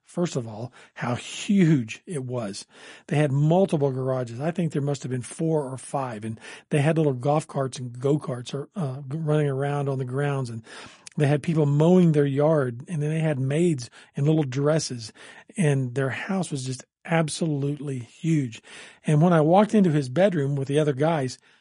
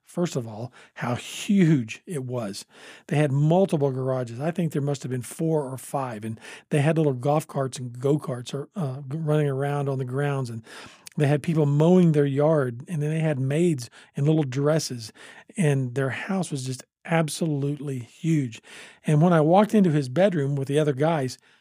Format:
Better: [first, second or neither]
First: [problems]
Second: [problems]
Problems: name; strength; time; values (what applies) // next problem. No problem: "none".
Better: second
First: garbled, watery; slightly; nothing above 10.5 kHz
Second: none